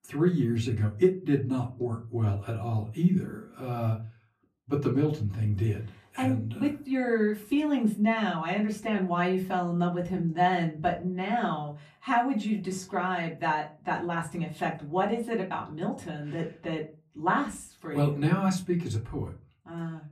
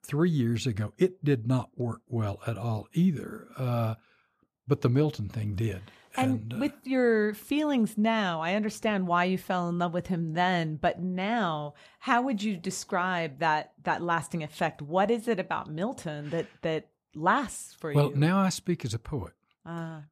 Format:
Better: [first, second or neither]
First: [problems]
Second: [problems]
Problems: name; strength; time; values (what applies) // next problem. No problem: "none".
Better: second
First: off-mic speech; far // room echo; very slight; dies away in 0.3 s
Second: none